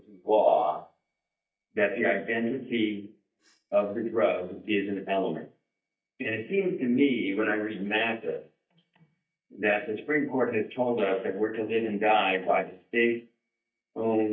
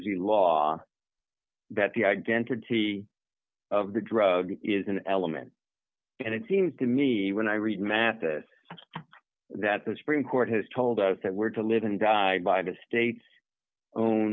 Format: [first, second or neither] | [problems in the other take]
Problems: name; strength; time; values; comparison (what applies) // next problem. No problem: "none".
second | noise reduction (neural mask model DeepFilterNet 3)